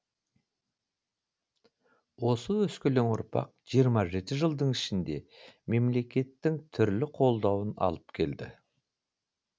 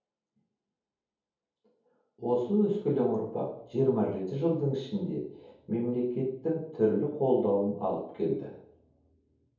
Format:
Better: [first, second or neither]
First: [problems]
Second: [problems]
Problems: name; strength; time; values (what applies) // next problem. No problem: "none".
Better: first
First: none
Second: room echo; dies away in 0.7 s